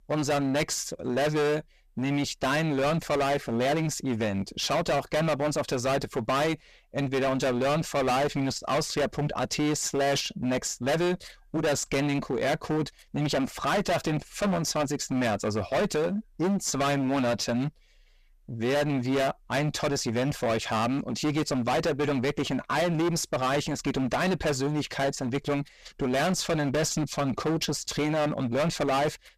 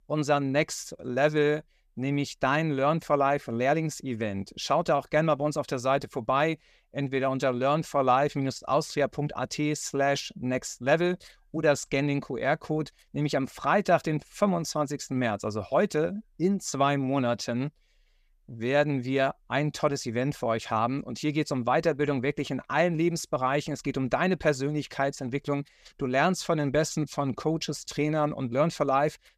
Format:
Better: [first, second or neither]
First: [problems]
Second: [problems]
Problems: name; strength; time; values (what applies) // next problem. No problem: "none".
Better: second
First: distortion; heavy; 22% of the sound clipped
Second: none